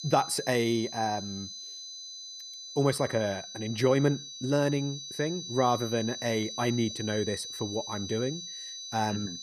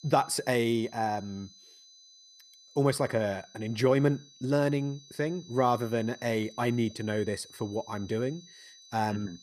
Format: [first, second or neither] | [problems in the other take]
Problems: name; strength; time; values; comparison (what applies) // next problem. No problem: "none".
second | high-pitched whine; loud; throughout; 4 kHz, 8 dB below the speech; faint in the second